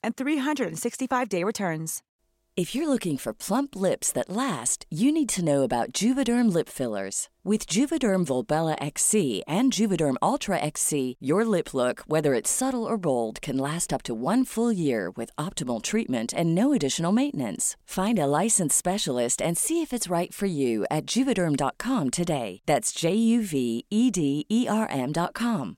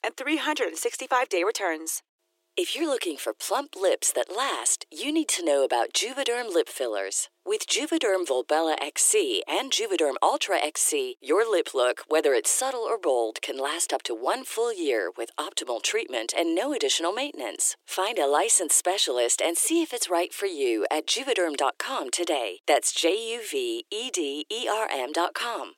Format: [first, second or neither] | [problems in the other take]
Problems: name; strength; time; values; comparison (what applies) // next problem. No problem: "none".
first | thin; very; fading below 300 Hz